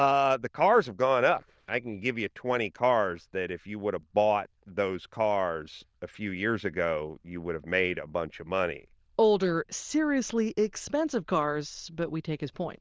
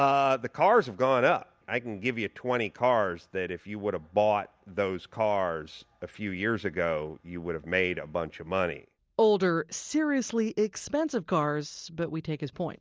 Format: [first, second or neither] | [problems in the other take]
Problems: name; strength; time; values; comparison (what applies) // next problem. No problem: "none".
second | noise reduction (neural diffusion model UNIVERSE++)